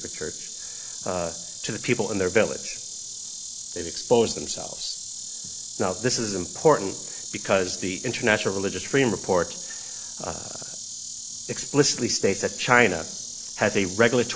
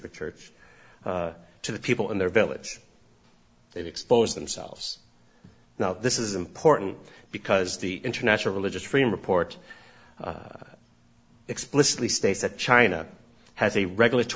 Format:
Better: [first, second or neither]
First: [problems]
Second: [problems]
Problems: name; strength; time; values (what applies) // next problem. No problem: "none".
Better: second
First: background sound (Insect); 9 dB below the speech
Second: none